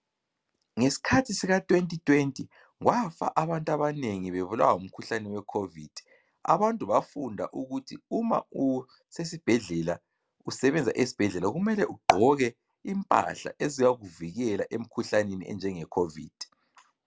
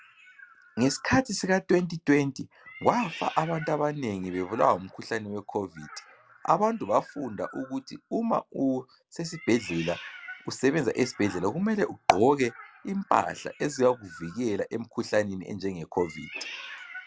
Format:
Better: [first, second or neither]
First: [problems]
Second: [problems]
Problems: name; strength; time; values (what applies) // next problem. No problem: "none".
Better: first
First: none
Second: background sound (Meow); 19 dB below the speech